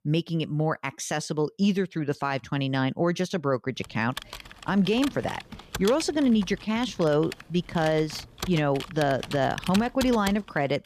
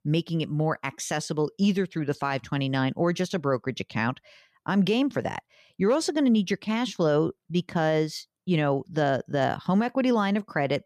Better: second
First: keyboard typing; noticeable; from 4 s on; peak 7 dB below the speech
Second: none

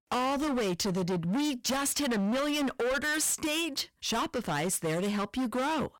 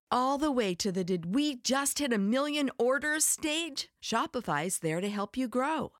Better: second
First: distortion; heavy; 33% of the sound clipped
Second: none

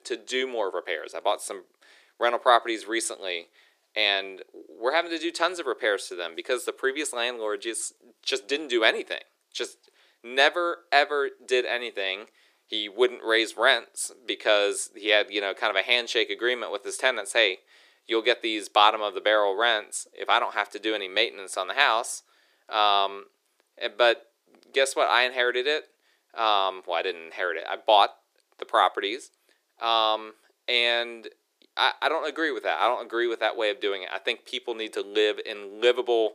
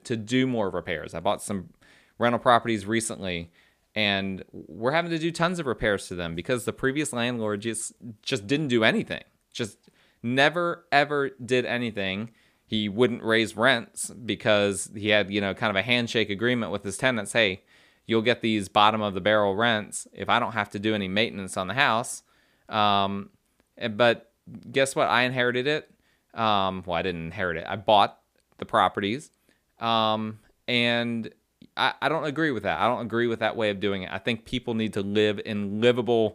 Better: second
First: thin; very; fading below 350 Hz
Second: none

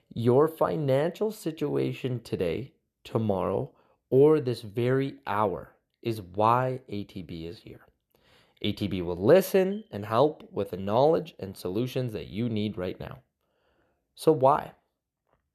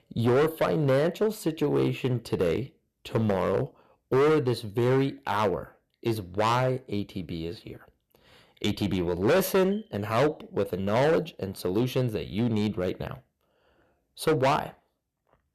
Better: first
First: none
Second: distortion; heavy; 8% of the sound clipped

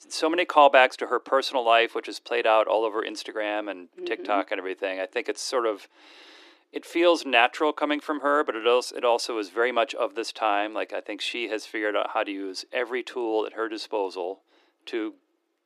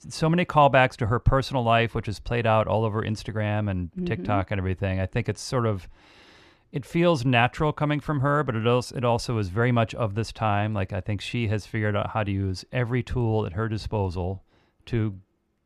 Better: second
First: thin; very; fading below 300 Hz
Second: none

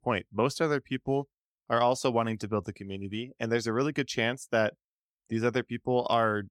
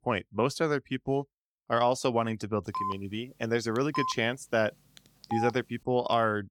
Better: first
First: none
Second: phone ringing; noticeable; from 2.5 to 5.5 s; peak 4 dB below the speech

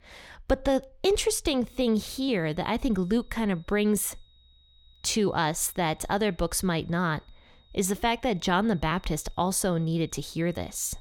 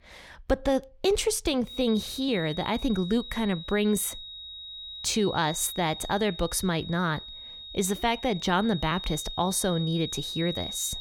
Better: first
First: high-pitched whine; faint; from 1.5 s on; 4 kHz, 30 dB below the speech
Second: high-pitched whine; loud; from 1.5 s on; 4 kHz, 9 dB below the speech

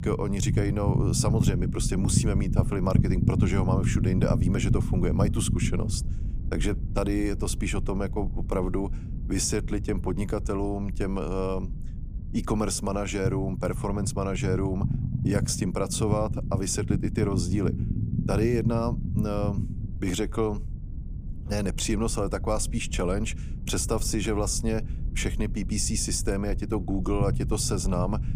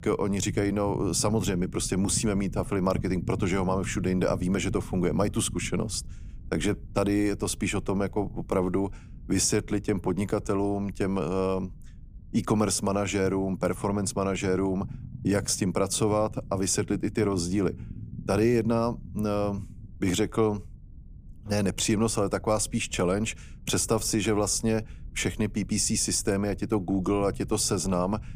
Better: second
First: low rumble; loud; throughout; 9 dB below the speech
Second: low rumble; faint; throughout; 25 dB below the speech

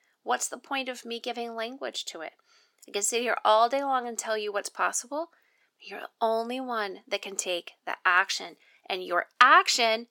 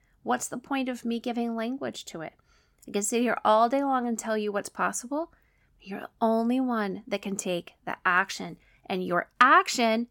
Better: second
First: thin; somewhat; fading below 350 Hz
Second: none

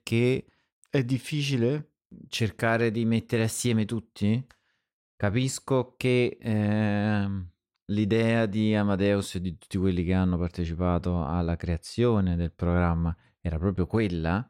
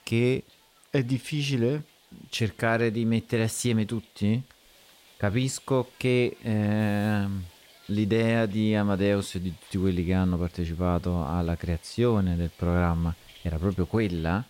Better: first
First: none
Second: hiss; faint; throughout; 25 dB below the speech

